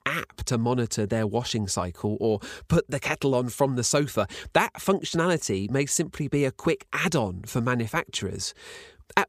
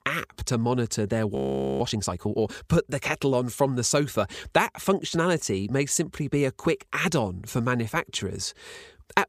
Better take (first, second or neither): first